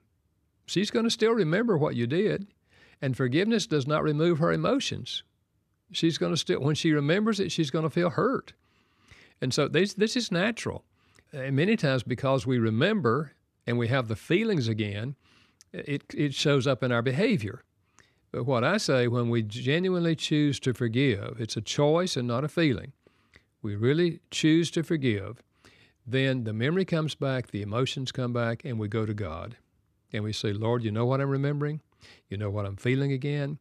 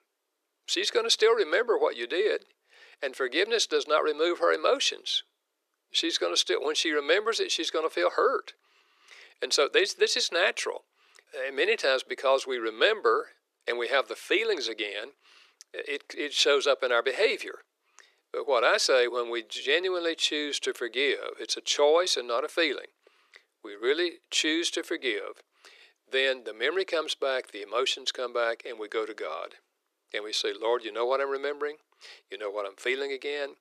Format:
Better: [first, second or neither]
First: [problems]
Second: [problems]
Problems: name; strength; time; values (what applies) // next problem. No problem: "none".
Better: first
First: none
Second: thin; very; fading below 400 Hz